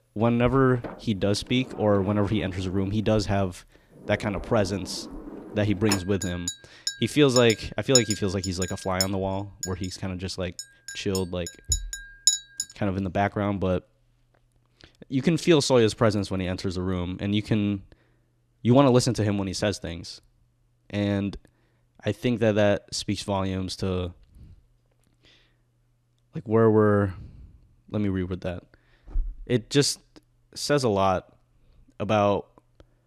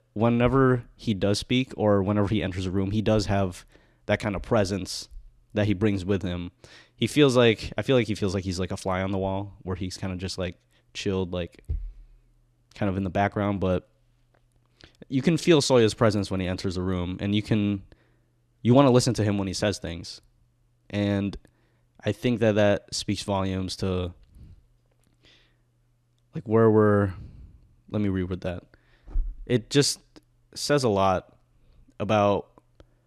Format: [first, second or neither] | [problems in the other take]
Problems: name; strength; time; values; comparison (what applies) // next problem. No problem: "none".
second | household noises; loud; until 13 s; 5 dB below the speech